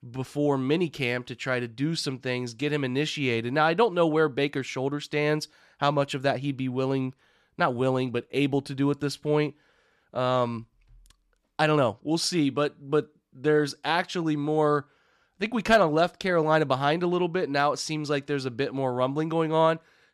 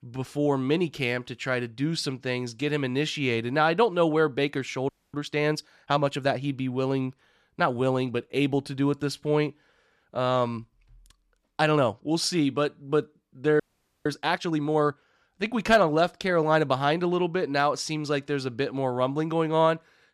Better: first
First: none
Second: audio freezing; at 5 s and at 14 s

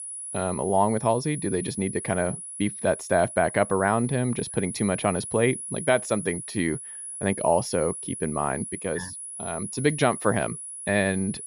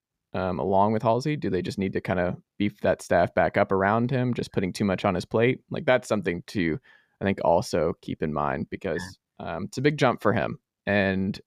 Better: second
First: high-pitched whine; loud; throughout; 10.5 kHz, 8 dB below the speech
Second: none

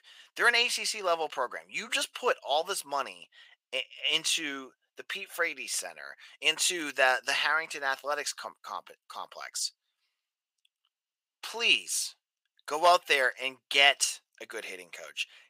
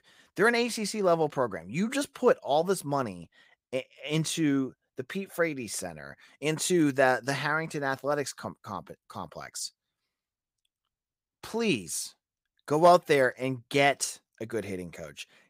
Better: second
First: thin; very; fading below 750 Hz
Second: none

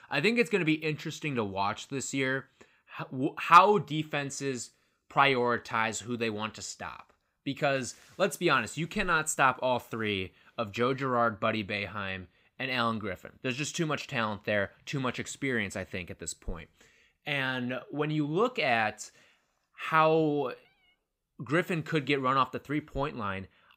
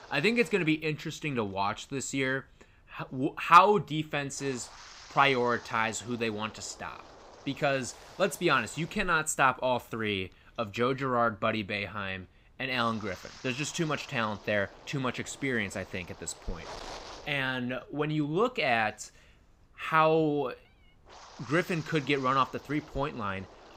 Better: first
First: none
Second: wind noise on the microphone; occasional gusts; 20 dB below the speech

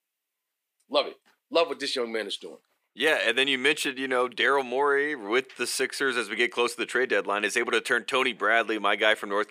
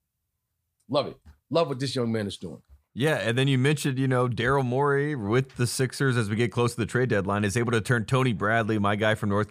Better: second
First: thin; very; fading below 300 Hz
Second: none

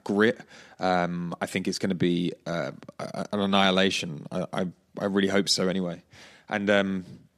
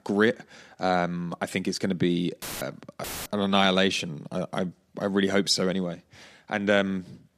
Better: first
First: none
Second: audio cutting out; filled with static; at 2.5 s and at 3 s

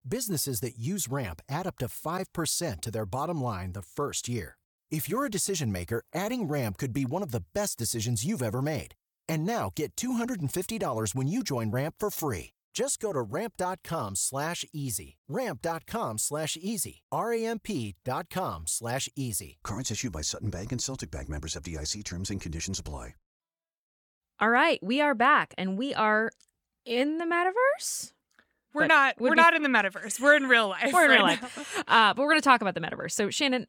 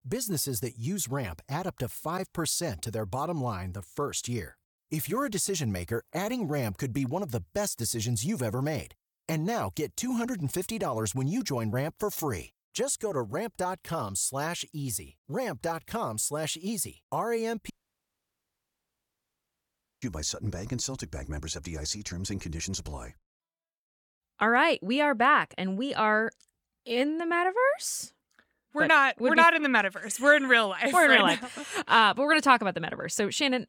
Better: first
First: none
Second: audio cutting out; at 18 s for 2.5 s

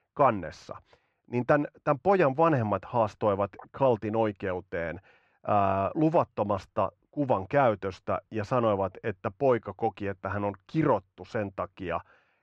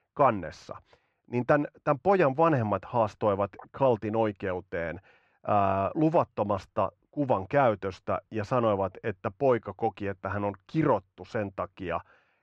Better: neither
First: muffled; very; fading above 2.5 kHz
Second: muffled; very; fading above 2.5 kHz

